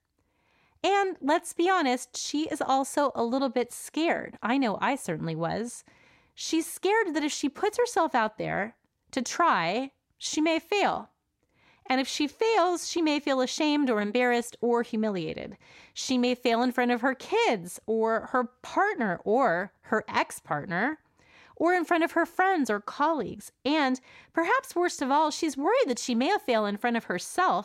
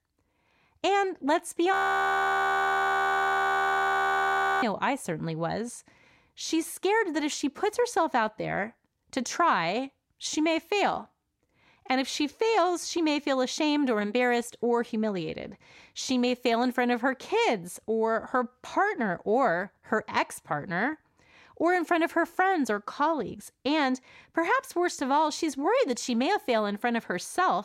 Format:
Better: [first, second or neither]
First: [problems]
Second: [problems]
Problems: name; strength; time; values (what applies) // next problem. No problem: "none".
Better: first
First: none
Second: audio freezing; at 1.5 s for 3 s